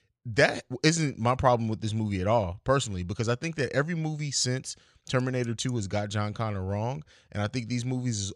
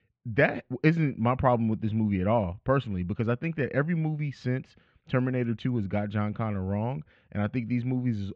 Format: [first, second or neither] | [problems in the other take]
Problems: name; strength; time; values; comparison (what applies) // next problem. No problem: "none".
first | muffled; very; fading above 2.5 kHz